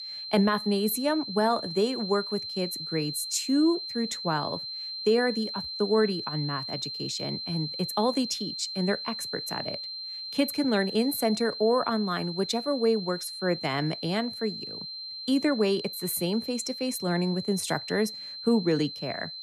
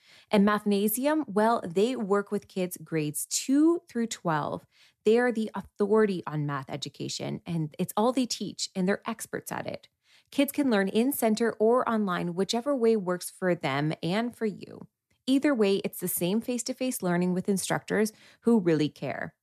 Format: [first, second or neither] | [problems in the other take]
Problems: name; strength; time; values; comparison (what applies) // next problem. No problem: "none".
second | high-pitched whine; loud; throughout; 4 kHz, 6 dB below the speech